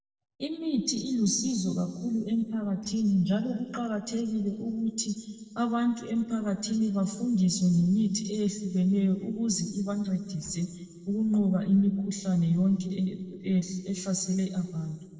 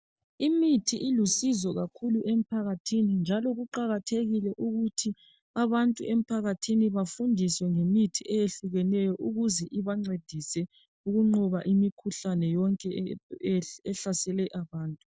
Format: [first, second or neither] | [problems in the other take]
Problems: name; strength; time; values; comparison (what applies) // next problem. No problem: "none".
second | noise reduction (neural separator model SepFormer DNS4)